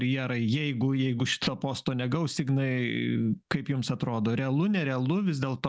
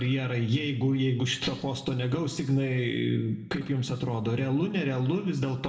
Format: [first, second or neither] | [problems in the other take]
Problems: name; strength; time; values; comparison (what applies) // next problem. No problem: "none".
first | room echo; dies away in 0.9 s